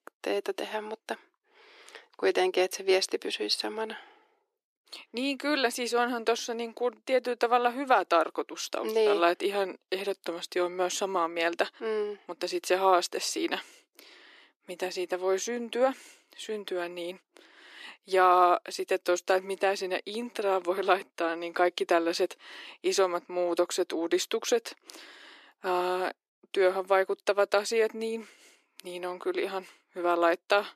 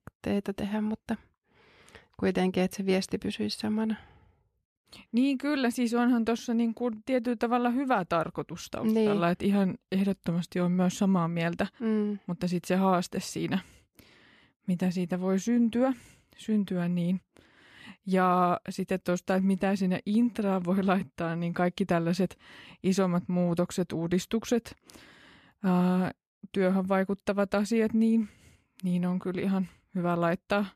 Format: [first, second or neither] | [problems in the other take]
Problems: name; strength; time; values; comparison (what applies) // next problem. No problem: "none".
second | thin; very; fading below 350 Hz